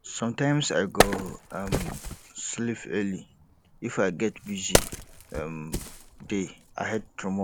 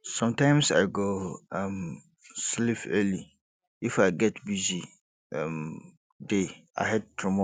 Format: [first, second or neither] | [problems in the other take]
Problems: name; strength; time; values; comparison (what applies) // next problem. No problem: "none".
second | background sound (Wood); 1 dB below the speech